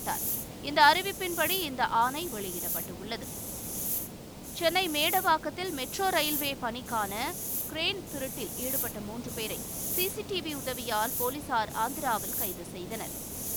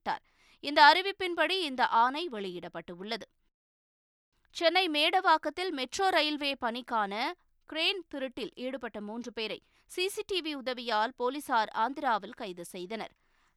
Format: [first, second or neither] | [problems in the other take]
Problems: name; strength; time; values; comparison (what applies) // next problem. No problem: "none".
second | hiss; loud; throughout; 4 dB below the speech